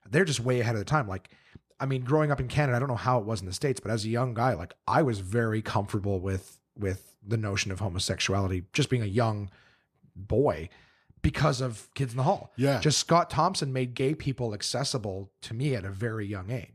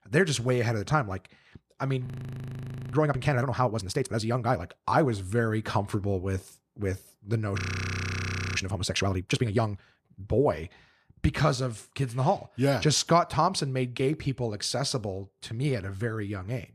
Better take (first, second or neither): first